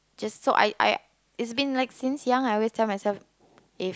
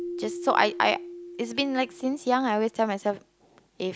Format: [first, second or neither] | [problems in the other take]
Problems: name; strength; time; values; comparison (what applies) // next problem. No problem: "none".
first | background sound (Keyboard (musical)); 13 dB below the speech